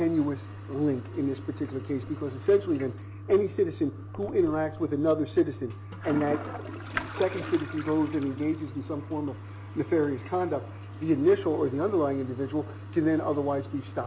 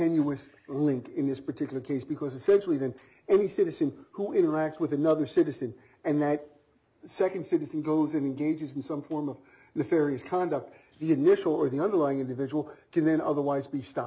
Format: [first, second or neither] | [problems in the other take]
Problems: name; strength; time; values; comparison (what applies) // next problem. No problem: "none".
second | background sound (Toilet flush); 11 dB below the speech